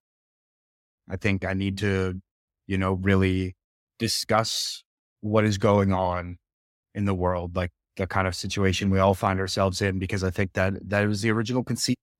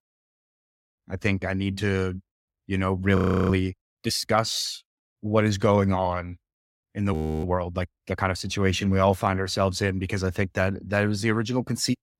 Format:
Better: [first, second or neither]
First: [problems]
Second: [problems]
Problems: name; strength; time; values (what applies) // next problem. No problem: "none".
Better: first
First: none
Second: audio freezing; at 3 s and at 7 s